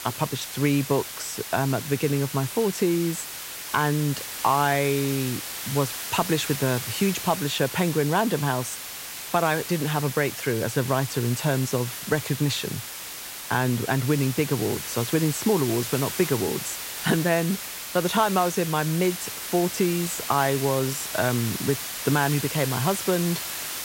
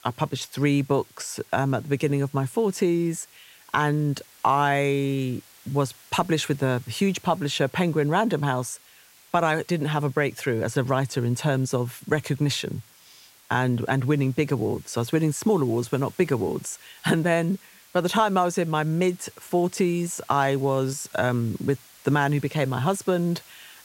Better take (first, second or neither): second